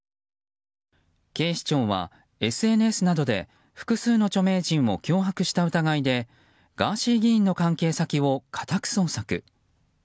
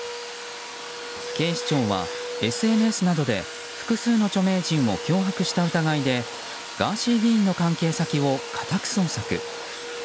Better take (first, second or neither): first